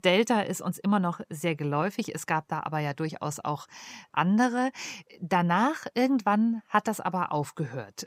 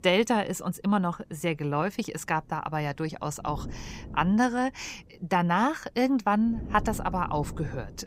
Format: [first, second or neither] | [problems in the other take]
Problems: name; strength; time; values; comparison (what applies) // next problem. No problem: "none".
first | wind noise on the microphone; occasional gusts; 20 dB below the speech